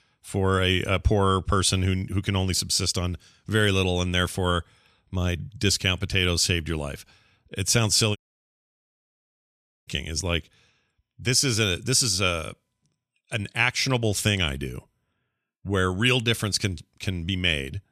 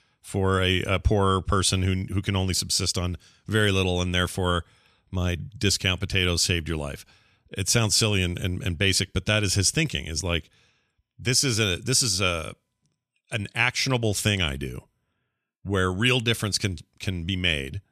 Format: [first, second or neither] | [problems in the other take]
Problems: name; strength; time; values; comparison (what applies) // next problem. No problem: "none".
second | audio cutting out; at 8 s for 1.5 s